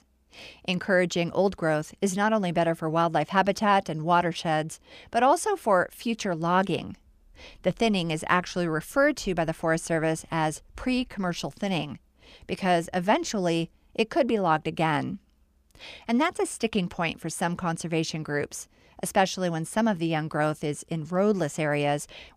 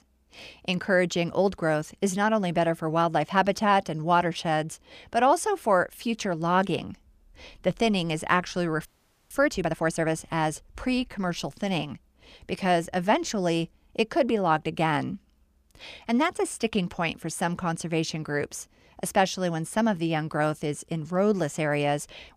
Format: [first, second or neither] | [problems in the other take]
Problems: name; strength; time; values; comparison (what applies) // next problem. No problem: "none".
first | audio freezing; at 9 s